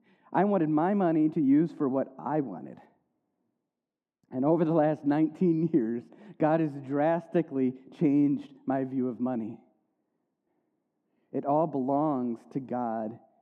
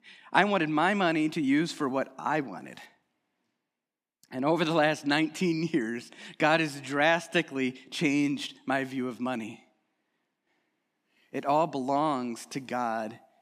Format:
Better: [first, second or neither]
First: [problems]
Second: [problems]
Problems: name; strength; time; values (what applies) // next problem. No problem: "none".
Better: second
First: muffled; very; fading above 1.5 kHz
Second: none